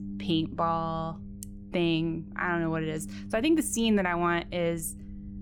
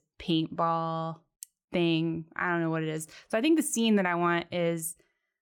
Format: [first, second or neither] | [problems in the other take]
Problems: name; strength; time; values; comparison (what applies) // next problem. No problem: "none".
second | low rumble; faint; throughout; 20 dB below the speech